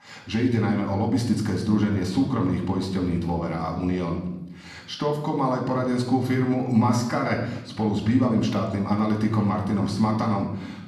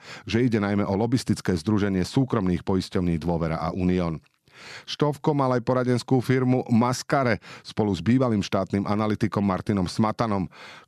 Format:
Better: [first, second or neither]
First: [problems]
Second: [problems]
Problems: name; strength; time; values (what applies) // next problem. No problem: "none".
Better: second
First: off-mic speech; far // room echo; noticeable; dies away in 0.8 s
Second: none